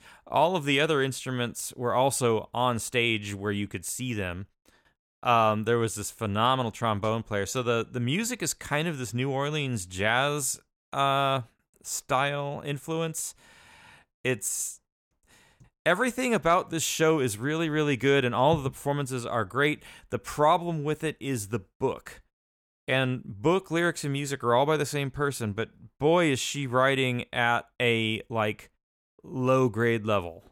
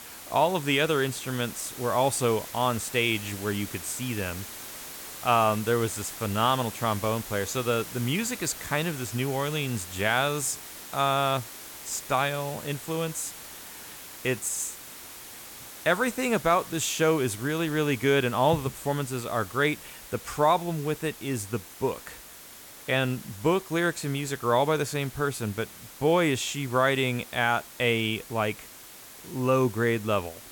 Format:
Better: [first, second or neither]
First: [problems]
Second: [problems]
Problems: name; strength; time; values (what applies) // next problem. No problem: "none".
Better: first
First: none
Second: hiss; noticeable; throughout; 15 dB below the speech